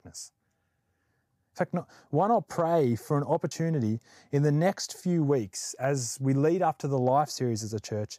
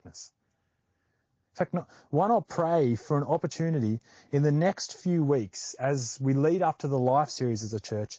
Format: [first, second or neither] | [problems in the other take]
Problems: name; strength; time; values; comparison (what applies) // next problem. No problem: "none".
first | garbled, watery; slightly; nothing above 7 kHz